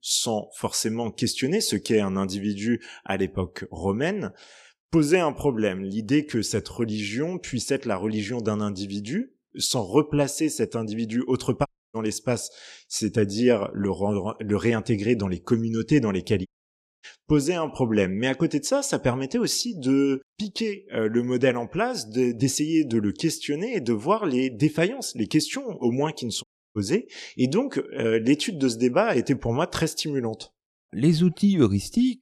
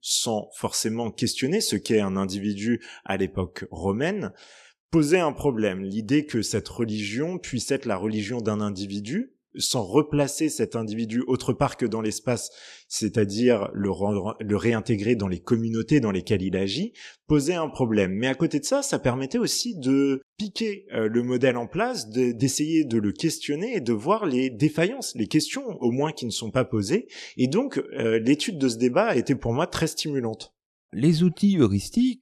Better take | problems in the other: second | audio cutting out; at 12 s, at 16 s for 0.5 s and at 26 s

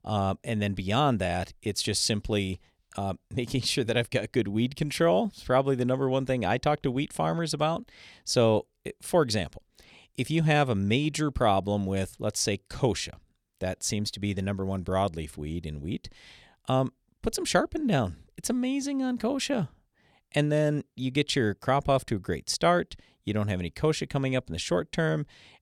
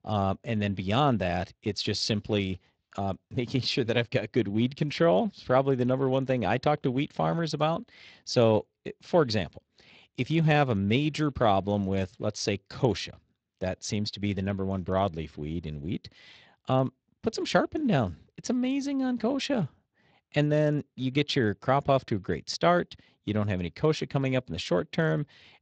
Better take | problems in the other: first | garbled, watery; slightly; nothing above 7.5 kHz

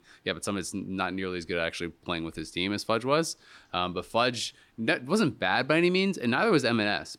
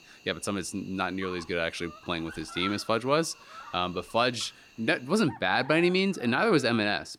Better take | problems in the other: first | animal sounds; noticeable; throughout; 20 dB below the speech

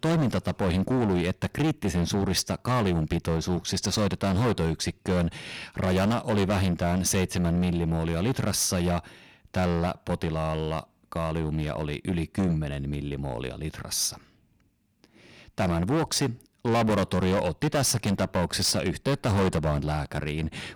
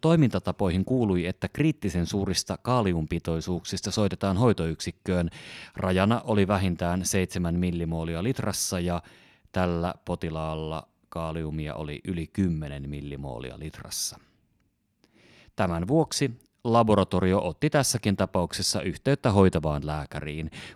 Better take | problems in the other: second | distortion; heavy; 14% of the sound clipped

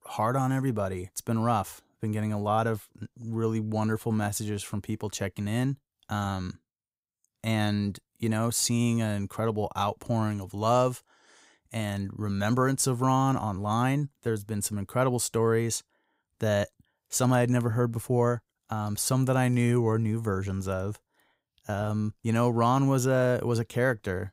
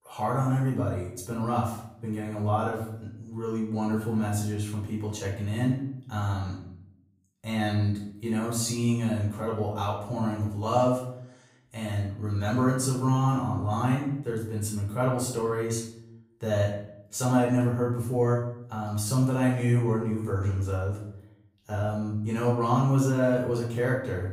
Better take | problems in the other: first | off-mic speech; far // room echo; noticeable; dies away in 0.6 s

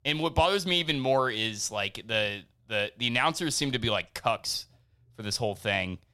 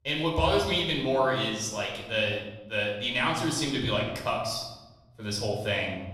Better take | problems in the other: first | off-mic speech; far // room echo; noticeable; dies away in 1 s

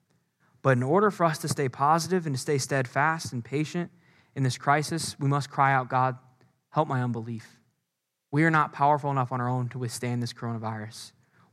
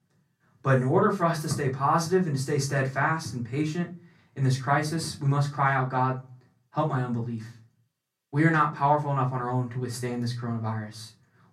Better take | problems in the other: first | off-mic speech; far // room echo; very slight; dies away in 0.2 s

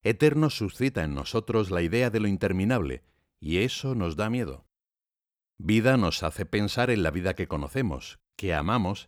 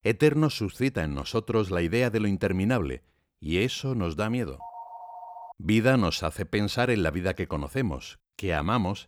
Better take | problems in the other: first | phone ringing; faint; at 4.5 s; peak 15 dB below the speech

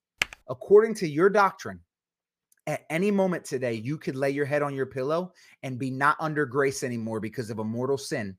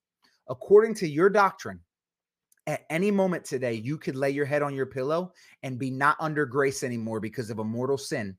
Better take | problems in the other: second | keyboard typing; very faint; at the start; peak 4 dB below the speech

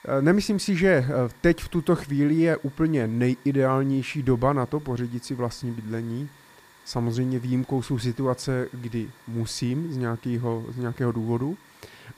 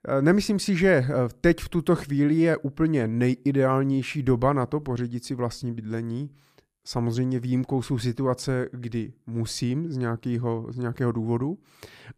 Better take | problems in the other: second | hiss; faint; throughout; 25 dB below the speech

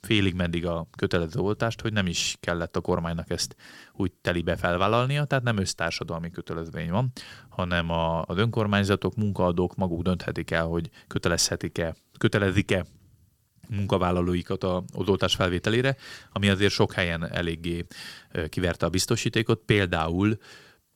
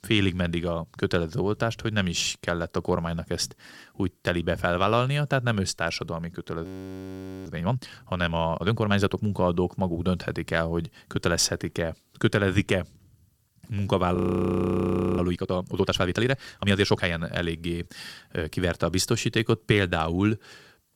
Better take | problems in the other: first | audio freezing; at 6.5 s for 1 s and at 14 s for 1 s

